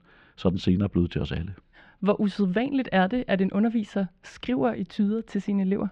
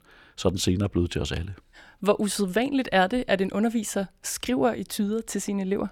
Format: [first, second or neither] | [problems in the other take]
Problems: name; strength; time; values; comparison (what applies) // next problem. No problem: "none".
second | muffled; slightly; fading above 3.5 kHz